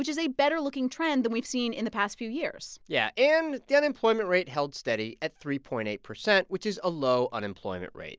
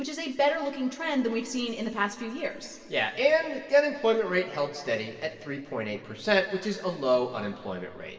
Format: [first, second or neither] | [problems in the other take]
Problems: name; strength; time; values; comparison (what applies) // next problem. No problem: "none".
first | room echo; dies away in 2.3 s